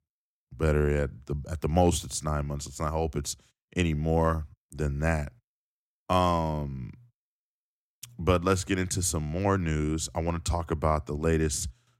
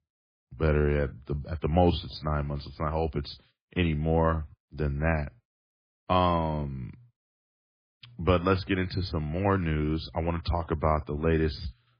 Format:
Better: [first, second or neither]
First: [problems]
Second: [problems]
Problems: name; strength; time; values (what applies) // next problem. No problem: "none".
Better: first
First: none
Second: garbled, watery; badly; nothing above 5 kHz